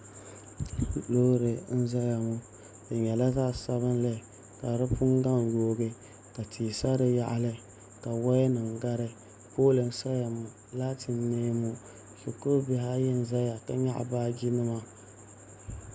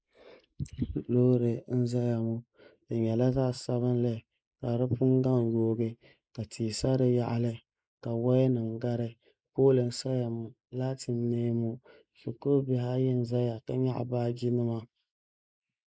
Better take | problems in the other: first | noise reduction (neural mask model Resemble Enhance denoiser)

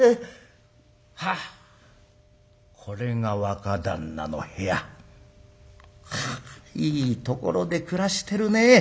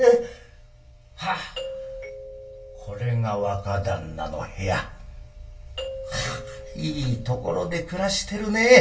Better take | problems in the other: first | background sound (Doorbell); 14 dB below the speech // room echo; dies away in 0.2 s

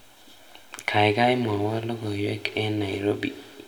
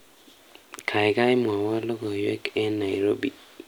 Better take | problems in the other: second | room echo; dies away in 1 s

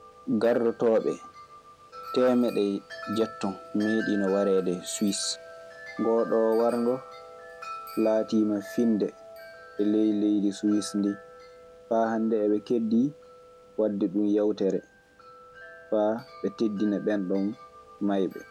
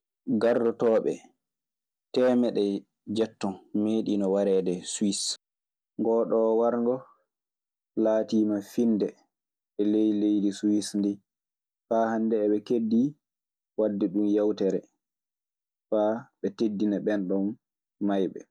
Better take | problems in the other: second | background sound (Wind chime); 17 dB below the speech

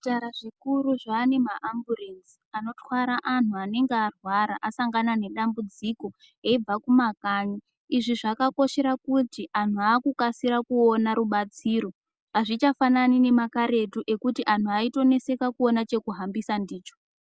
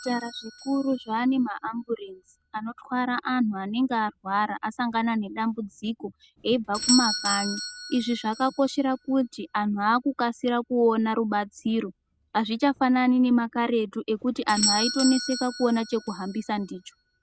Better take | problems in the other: first | background sound (Doorbell); 10 dB below the speech

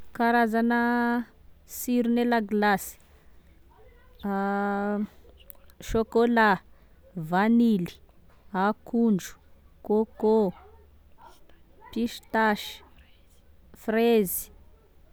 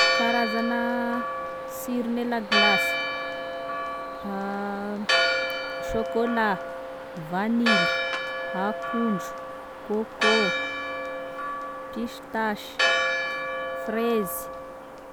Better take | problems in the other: first | background sound (Church bell); 2 dB above the speech

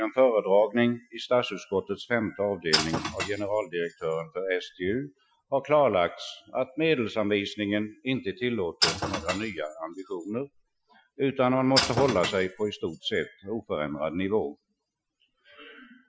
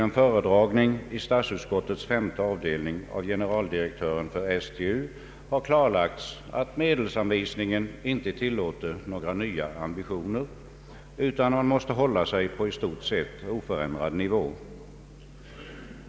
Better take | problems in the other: second | noise reduction (classical method Wiener filter)

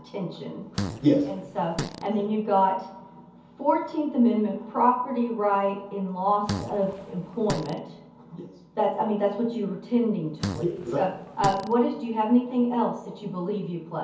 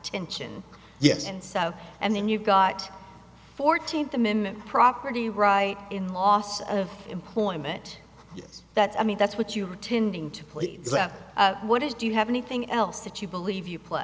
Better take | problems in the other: second | background sound (Fart); 9 dB below the speech // room echo; dies away in 0.6 s

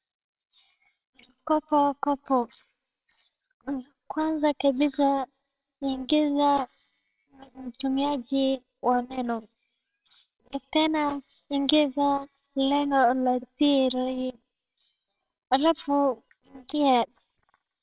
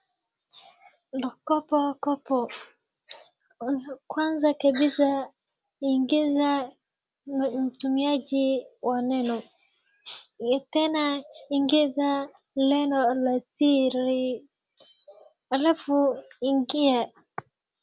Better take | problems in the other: second | noise reduction (neural separator model SepFormer WHAMR!)

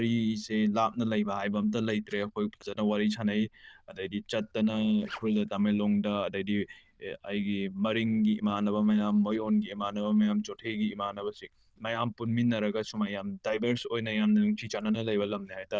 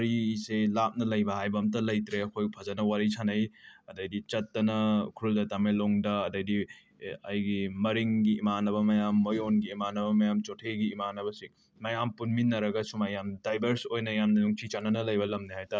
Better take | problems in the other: second | noise reduction (neural diffusion model UNIVERSE++)

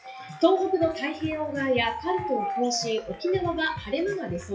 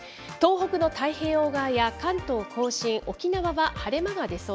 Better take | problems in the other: second | noise reduction (classical method WPE with log-MMSE)

